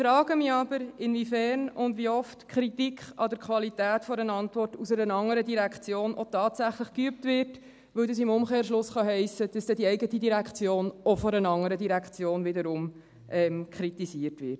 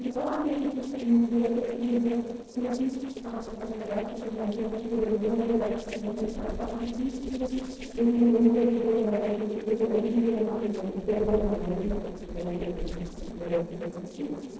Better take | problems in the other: first | noise reduction (neural separator model SepFormer DNS4)

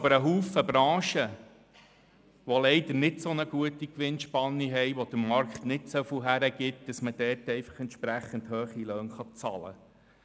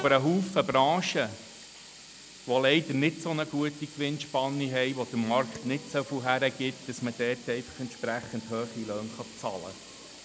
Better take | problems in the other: first | background sound (Train + Sink (filling or washing)); 17 dB below the speech

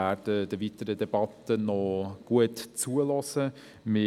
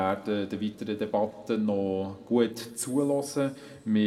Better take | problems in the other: first | room echo; dies away in 1.6 s

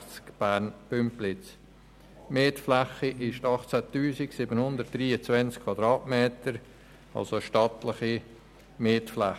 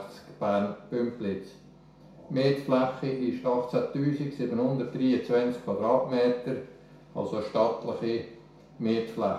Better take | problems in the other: first | room echo; dies away in 0.6 s

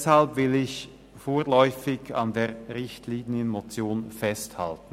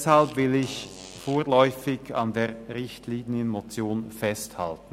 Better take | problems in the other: first | background sound (Fart); 19 dB below the speech

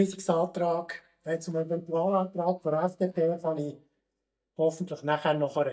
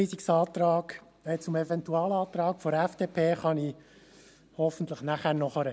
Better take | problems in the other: second | noise reduction (neural mask model DeepFilterNet 3)

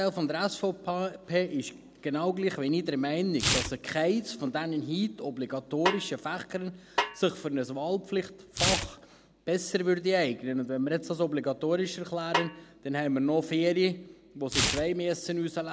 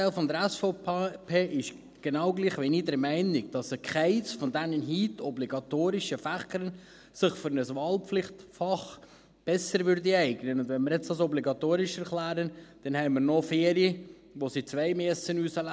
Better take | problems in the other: second | background sound (Snare drum + Tearing); 6 dB below the speech

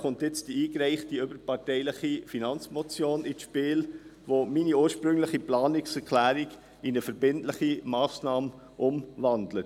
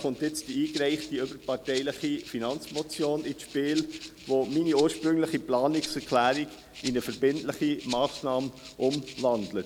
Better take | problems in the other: first | background sound (Rattle (instrument)); 16 dB below the speech

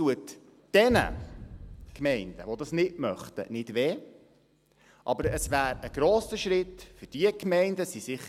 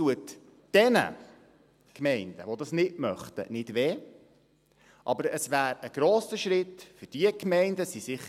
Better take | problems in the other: second | background sound (Boom); 15 dB below the speech

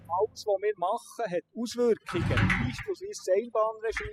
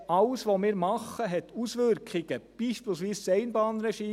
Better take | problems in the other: second | noise reduction (classical method spectral subtraction)

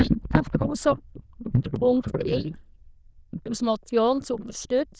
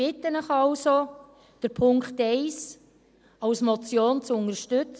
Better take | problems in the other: second | noise reduction (neural diffusion model UNIVERSE++)

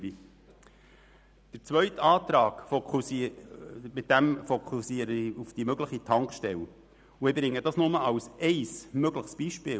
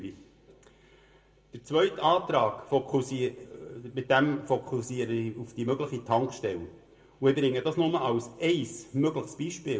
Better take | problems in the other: first | room echo; dies away in 0.6 s

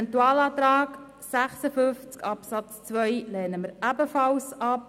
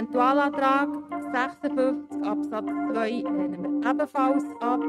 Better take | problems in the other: first | noise reduction (neural mask model RNNoise)

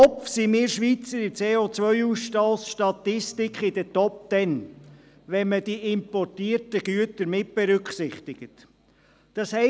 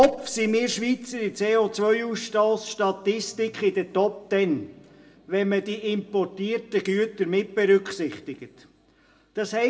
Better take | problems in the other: first | room echo; dies away in 0.6 s

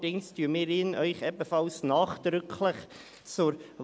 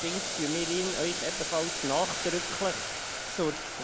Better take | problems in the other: first | background sound (Boiling); 1 dB below the speech

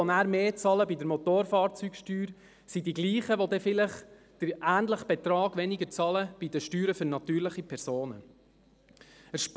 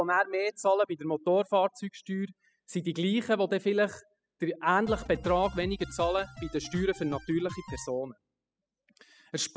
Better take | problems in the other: first | noise reduction (classical method spectral subtraction)

